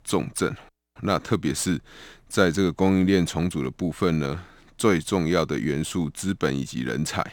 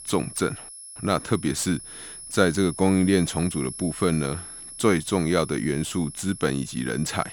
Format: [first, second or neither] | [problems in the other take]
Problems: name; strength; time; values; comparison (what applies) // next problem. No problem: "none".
first | high-pitched whine; noticeable; throughout; 11 kHz, 10 dB below the speech